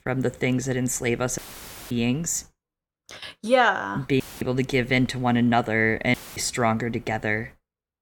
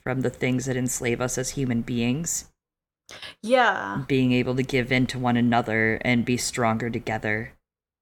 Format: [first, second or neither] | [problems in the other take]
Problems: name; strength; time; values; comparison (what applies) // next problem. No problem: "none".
second | audio cutting out; filled with static; at 1.5 s for 0.5 s, at 4 s and at 6 s